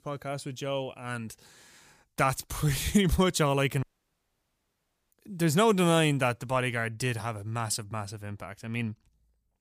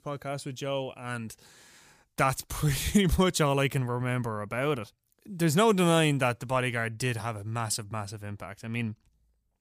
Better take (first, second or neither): second